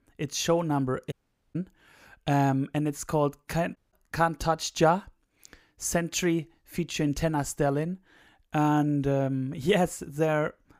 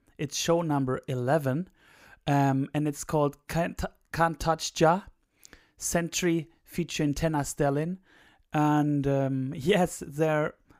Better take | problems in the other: second | audio cutting out; at 1 s and at 4 s

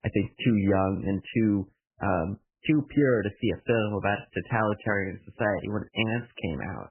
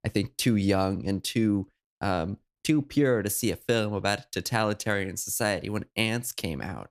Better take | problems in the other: second | garbled, watery; badly; nothing above 3 kHz

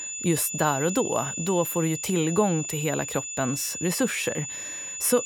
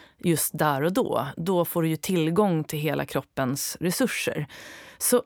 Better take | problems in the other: second | high-pitched whine; loud; throughout; 7 kHz, 5 dB below the speech

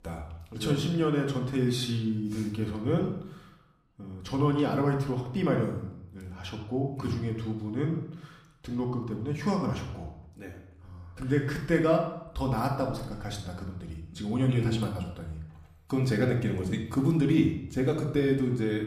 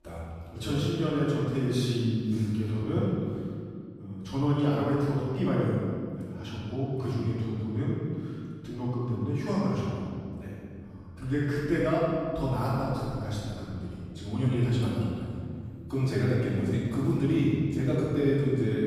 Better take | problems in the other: first | room echo; strong; dies away in 2.2 s; slight in the first // off-mic speech; far; somewhat distant in the first

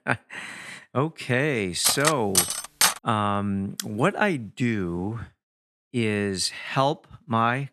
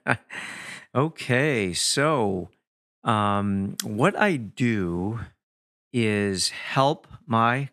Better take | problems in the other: second | clattering dishes; loud; from 2 to 3 s; peak 5 dB above the speech

